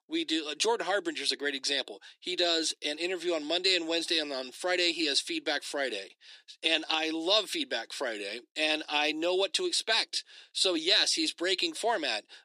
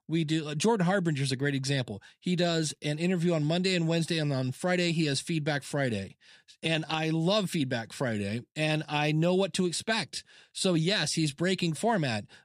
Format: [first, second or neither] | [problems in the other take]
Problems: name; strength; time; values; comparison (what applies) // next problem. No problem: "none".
second | thin; very; fading below 300 Hz